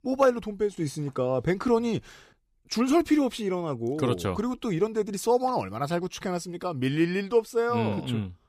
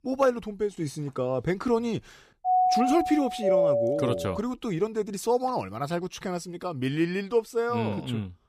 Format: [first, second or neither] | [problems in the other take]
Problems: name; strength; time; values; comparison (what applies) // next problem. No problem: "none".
first | doorbell; loud; from 2.5 to 4.5 s; peak 6 dB above the speech